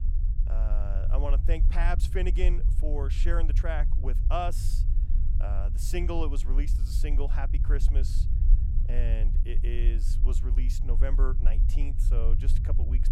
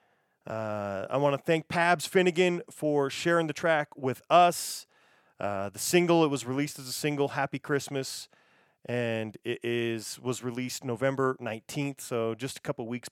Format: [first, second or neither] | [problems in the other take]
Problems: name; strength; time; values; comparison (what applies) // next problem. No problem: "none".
second | low rumble; noticeable; throughout; 10 dB below the speech